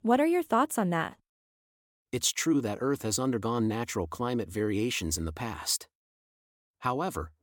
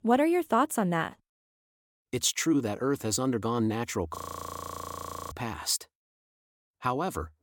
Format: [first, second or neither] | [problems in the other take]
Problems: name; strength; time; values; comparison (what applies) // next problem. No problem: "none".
first | audio freezing; at 4 s for 1 s